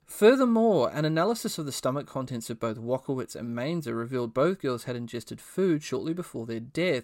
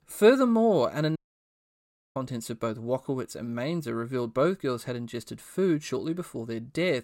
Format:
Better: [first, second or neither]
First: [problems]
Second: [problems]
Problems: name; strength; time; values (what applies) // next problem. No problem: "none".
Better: first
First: none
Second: audio cutting out; at 1 s for 1 s